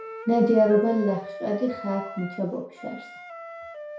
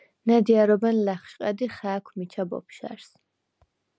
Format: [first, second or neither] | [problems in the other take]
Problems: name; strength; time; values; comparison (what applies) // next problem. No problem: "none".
second | background sound (Wind instrument, woodwind instrument); 13 dB below the speech // room echo; dies away in 0.6 s